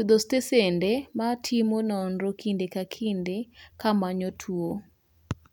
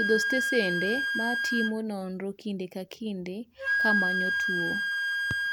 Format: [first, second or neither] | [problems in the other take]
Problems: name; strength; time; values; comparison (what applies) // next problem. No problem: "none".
first | background sound (Wind instrument, woodwind instrument); 2 dB above the speech